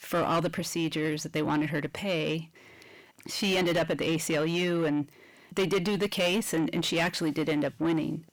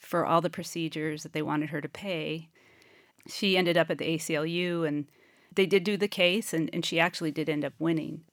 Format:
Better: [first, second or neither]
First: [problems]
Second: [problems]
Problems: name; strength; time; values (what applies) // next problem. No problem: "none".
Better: second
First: distortion; heavy; 7 dB below the speech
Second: none